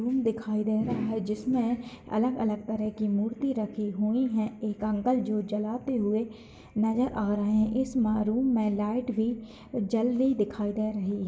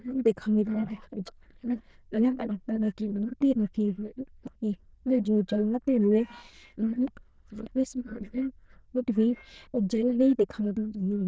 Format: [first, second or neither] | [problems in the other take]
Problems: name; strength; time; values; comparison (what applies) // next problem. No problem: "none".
first | noise reduction (neural diffusion model UNIVERSE++)